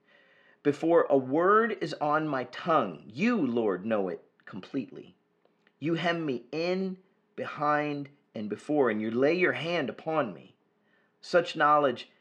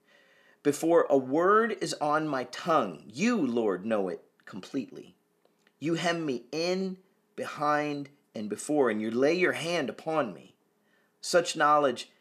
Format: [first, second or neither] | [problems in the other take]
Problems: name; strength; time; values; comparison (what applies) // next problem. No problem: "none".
second | muffled; slightly; fading above 3 kHz